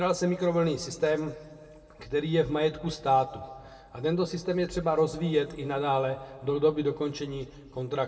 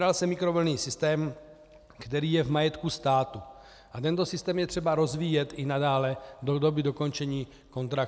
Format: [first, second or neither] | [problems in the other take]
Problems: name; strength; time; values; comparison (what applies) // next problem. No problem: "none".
second | room echo; dies away in 1.8 s